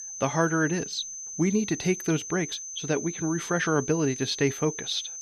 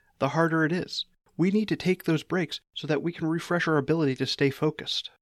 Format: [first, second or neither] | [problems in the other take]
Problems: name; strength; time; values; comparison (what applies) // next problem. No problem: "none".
second | high-pitched whine; loud; throughout; 6 kHz, 8 dB below the speech